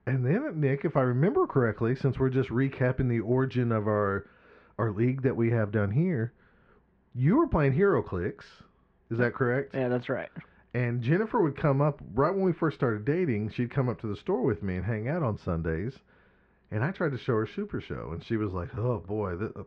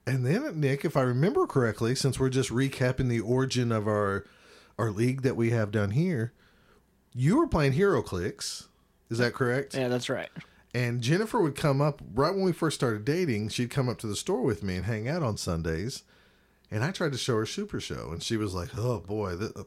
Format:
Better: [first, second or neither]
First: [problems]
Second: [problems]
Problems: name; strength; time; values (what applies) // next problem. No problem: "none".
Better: second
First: muffled; very; fading above 2 kHz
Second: none